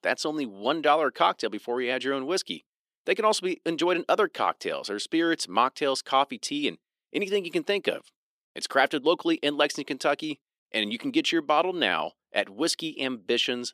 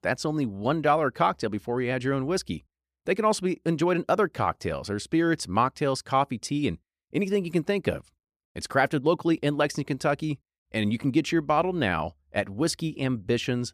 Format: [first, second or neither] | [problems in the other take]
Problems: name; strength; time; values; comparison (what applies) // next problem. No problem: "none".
second | thin; very slightly; fading below 300 Hz